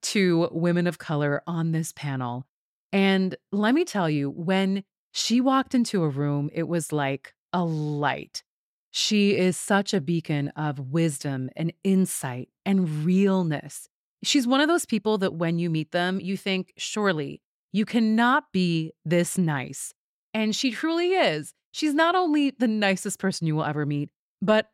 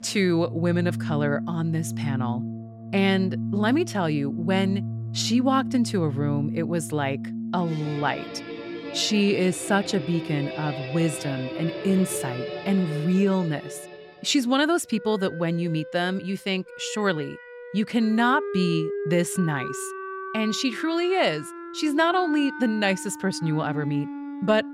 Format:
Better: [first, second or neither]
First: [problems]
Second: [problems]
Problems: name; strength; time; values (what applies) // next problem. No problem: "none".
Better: first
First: none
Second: background music; loud; throughout; 8 dB below the speech